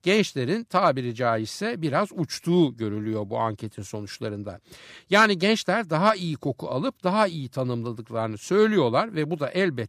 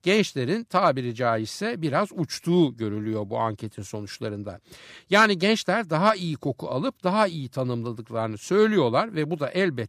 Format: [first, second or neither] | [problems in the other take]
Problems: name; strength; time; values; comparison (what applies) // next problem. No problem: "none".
neither | none